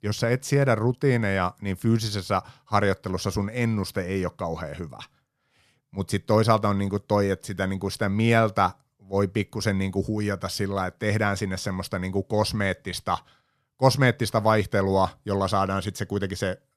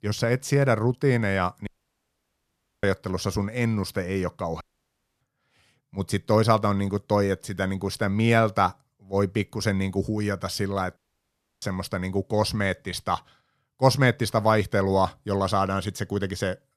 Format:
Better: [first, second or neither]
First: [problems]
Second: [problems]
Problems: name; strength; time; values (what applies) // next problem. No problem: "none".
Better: first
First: none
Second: audio cutting out; at 1.5 s for 1 s, at 4.5 s for 0.5 s and at 11 s for 0.5 s